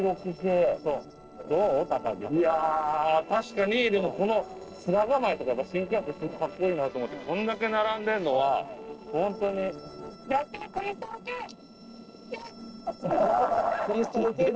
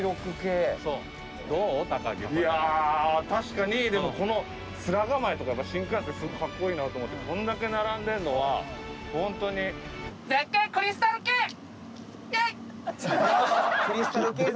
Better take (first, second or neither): second